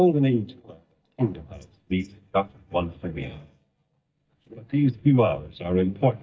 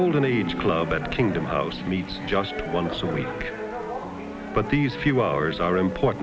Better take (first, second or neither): second